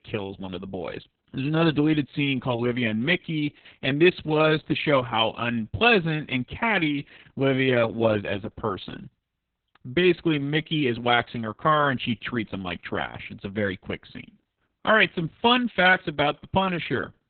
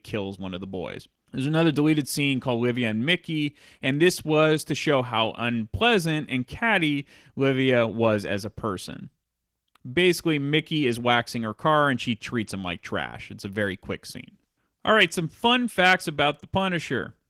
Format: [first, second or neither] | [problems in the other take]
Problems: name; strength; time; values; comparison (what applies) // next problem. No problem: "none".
second | garbled, watery; badly; nothing above 3.5 kHz; slightly in the second